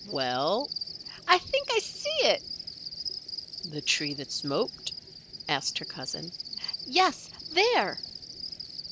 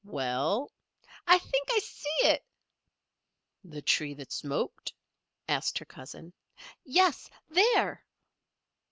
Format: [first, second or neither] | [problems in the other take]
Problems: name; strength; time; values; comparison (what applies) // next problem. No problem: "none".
second | background sound (Cricket); 9 dB below the speech